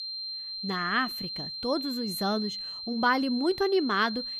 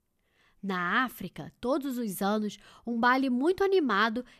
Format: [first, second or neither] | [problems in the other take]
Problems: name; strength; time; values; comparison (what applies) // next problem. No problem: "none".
second | high-pitched whine; loud; throughout; 4 kHz, 6 dB below the speech